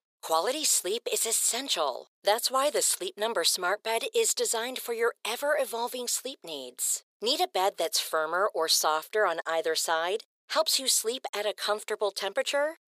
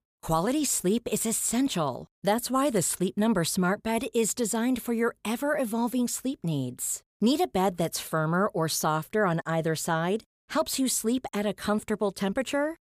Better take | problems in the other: second | thin; very; fading below 450 Hz

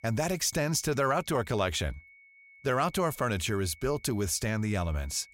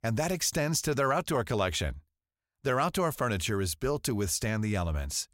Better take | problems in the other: second | high-pitched whine; faint; throughout; 2 kHz, 25 dB below the speech

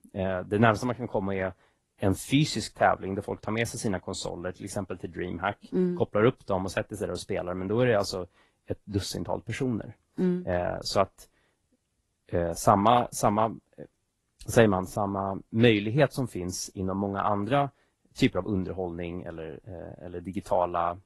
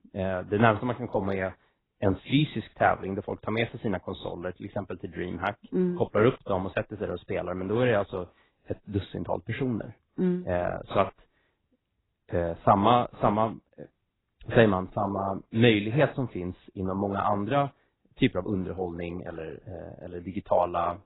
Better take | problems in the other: first | garbled, watery; badly; nothing above 4 kHz; slightly in the first

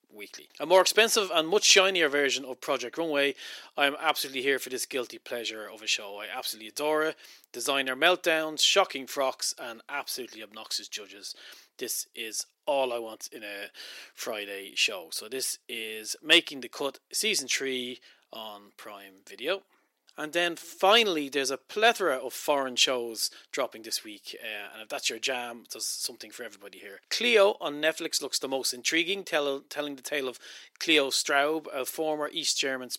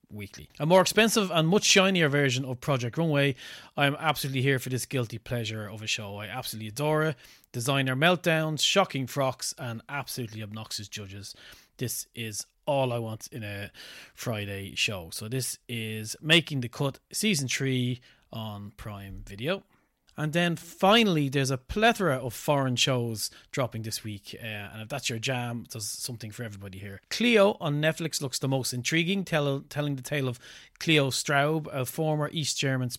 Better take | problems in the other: second | thin; somewhat; fading below 350 Hz

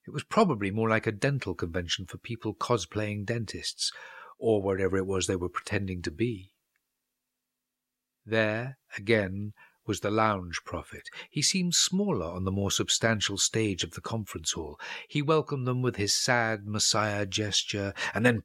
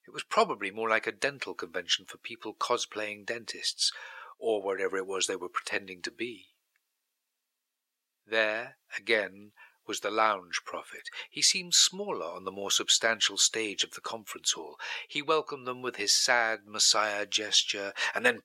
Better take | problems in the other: first | thin; very; fading below 500 Hz

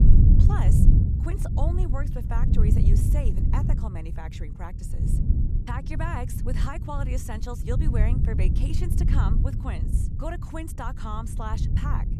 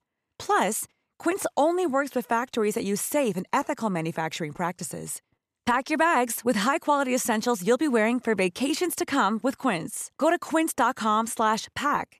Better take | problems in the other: second | low rumble; loud; throughout; 2 dB below the speech

